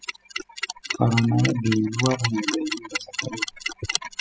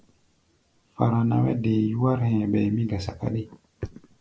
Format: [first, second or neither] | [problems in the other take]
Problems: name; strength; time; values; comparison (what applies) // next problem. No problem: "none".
second | noise reduction (classical method spectral subtraction)